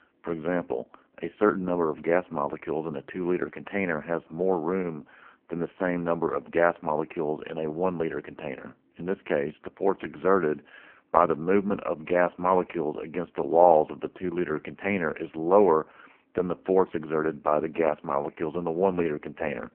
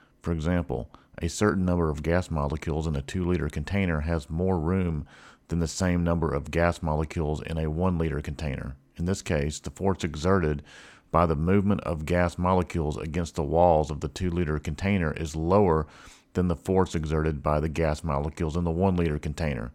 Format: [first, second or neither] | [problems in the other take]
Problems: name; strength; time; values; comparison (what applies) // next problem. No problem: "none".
second | phone-call audio; poor line